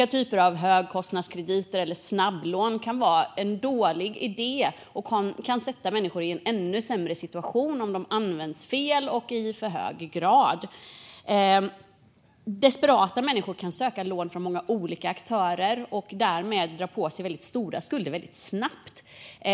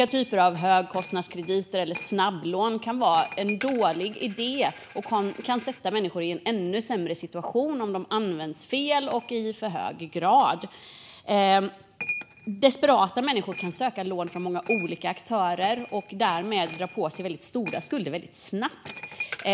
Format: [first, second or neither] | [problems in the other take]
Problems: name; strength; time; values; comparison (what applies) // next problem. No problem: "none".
first | background sound (Coin (dropping)); 17 dB below the speech